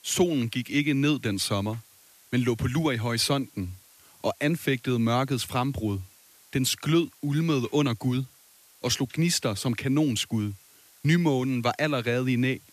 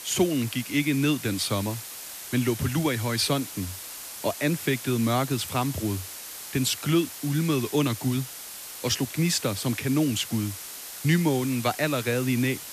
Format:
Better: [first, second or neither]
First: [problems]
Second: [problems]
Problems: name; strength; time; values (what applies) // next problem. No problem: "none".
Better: first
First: hiss; faint; throughout; 25 dB below the speech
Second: hiss; loud; throughout; 10 dB below the speech